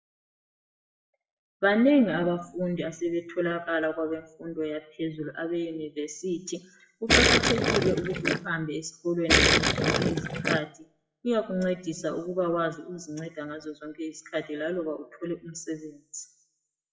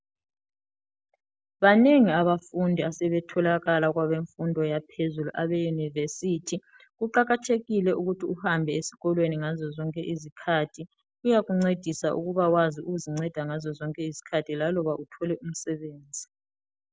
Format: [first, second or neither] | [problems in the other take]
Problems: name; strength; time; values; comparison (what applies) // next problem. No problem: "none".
second | noise reduction (classical method WPE with log-MMSE)